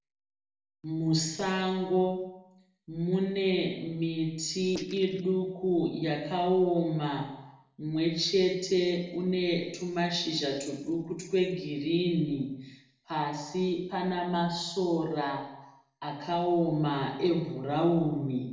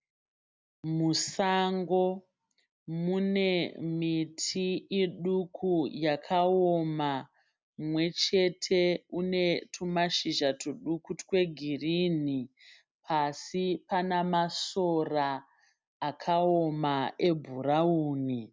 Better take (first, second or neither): second